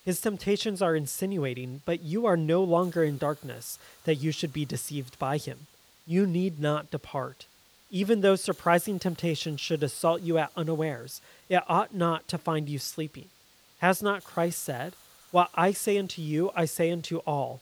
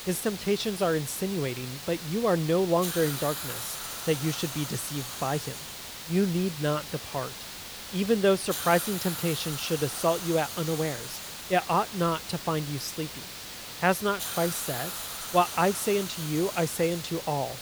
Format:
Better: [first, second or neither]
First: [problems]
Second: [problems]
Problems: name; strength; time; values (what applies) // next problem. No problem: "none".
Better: first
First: hiss; faint; throughout; 25 dB below the speech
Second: hiss; loud; throughout; 7 dB below the speech